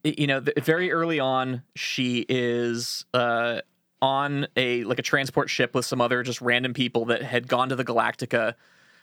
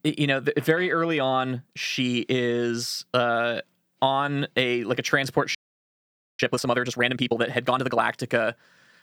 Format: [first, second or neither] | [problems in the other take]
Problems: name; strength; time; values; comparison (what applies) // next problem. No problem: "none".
first | audio freezing; at 5.5 s for 1 s